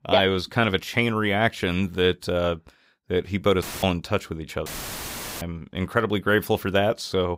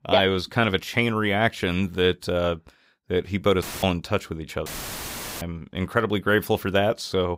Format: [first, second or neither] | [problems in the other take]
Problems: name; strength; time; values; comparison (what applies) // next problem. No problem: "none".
neither | audio cutting out; filled with static; at 3.5 s and at 4.5 s for 1 s; the same in both